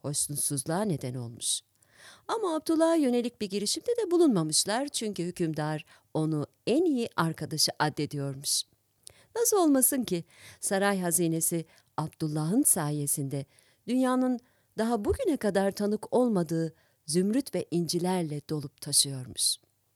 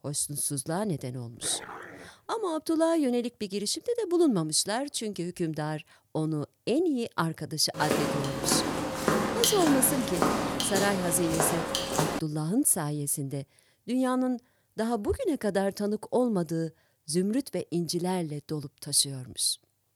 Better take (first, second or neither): first